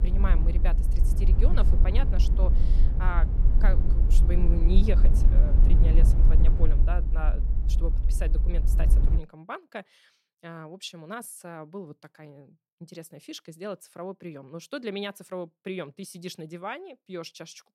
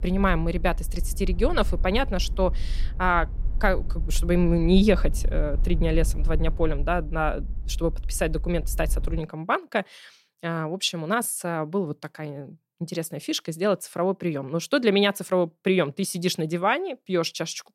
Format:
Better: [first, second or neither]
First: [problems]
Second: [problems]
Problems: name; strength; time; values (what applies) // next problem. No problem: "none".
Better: second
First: low rumble; loud; until 9 s; 5 dB below the speech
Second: low rumble; faint; until 9 s; 25 dB below the speech